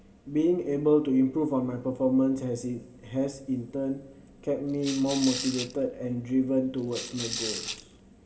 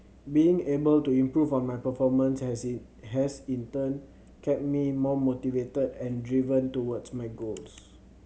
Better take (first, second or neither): second